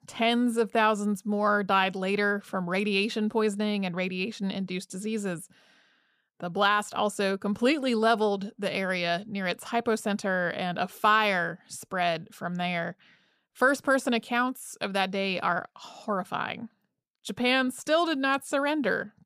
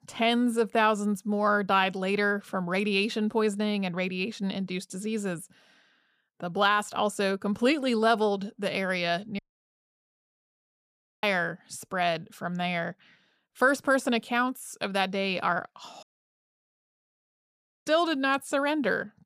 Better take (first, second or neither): first